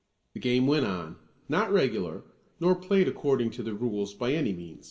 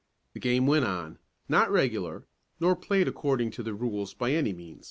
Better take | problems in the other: second | room echo; dies away in 0.7 s

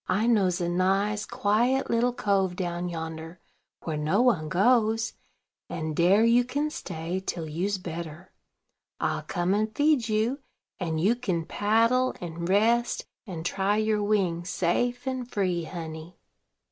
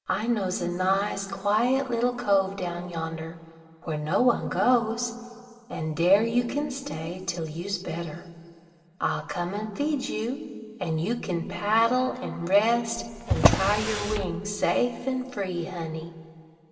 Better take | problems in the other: first | background sound (Drawer open or close); 1 dB above the speech // room echo; dies away in 2.3 s

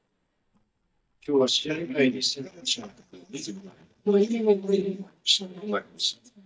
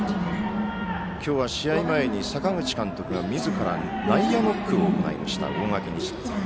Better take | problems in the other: second | noise reduction (neural mask model DeepFilterNet 3)

